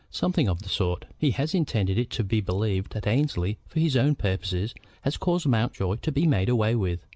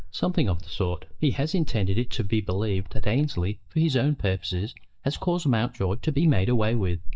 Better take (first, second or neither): first